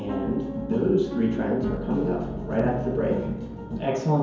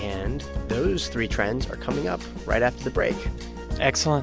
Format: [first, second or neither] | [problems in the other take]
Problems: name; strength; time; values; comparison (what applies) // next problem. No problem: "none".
second | background sound (Piano); 9 dB below the speech // room echo; dies away in 0.9 s